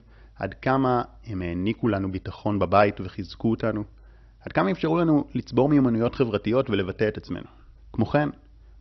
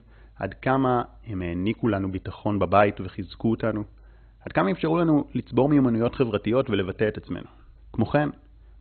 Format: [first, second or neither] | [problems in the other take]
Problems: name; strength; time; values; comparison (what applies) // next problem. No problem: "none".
first | garbled, watery; badly; nothing above 4 kHz; slightly in the first